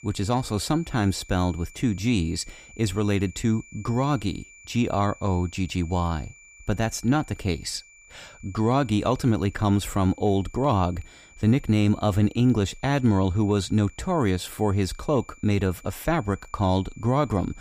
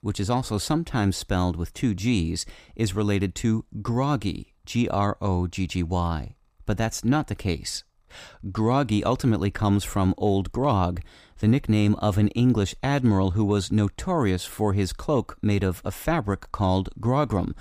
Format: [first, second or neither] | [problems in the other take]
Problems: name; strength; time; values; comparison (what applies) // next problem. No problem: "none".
second | high-pitched whine; faint; throughout; 2.5 kHz, 25 dB below the speech